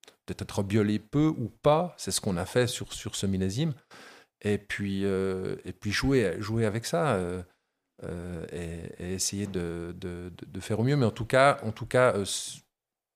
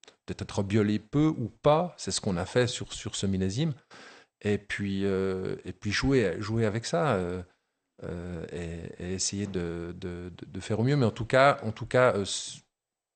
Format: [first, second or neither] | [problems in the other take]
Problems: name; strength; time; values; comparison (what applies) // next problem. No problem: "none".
first | garbled, watery; slightly; nothing above 8.5 kHz